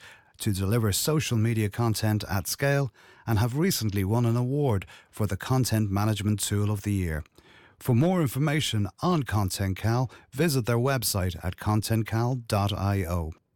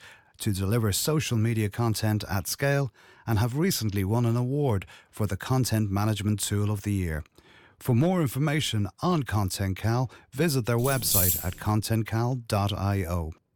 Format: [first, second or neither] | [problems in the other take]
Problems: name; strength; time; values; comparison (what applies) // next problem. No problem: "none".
first | jangling keys; loud; at 11 s; peak 5 dB above the speech